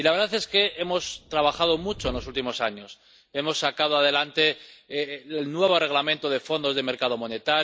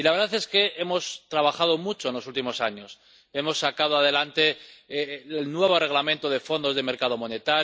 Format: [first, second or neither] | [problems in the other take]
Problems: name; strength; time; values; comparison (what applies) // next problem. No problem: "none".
second | background sound (Subway, metro, underground); 18 dB below the speech